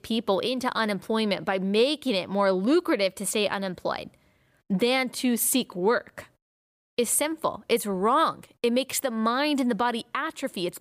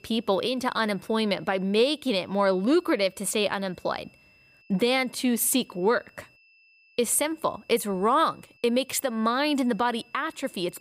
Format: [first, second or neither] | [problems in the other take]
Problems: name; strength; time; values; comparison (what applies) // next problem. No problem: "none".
first | high-pitched whine; faint; throughout; 2.5 kHz, 30 dB below the speech